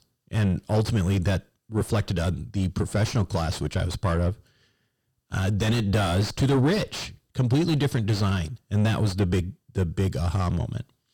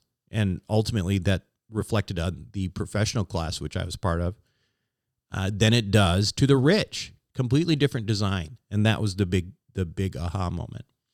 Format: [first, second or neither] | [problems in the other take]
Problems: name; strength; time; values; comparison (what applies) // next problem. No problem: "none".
second | distortion; heavy; 5 dB below the speech